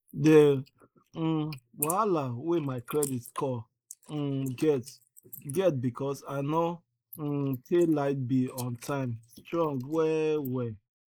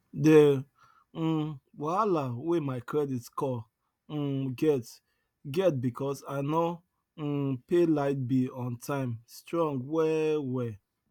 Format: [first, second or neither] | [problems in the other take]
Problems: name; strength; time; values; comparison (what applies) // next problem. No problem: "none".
second | noise reduction (neural mask model Resemble Enhance denoiser)